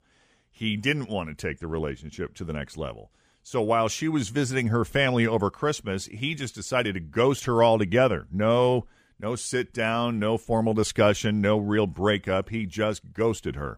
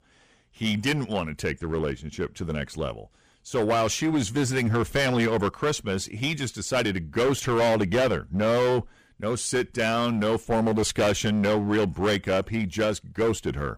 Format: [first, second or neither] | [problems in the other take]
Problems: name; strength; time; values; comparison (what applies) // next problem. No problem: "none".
first | distortion; heavy; 12% of the sound clipped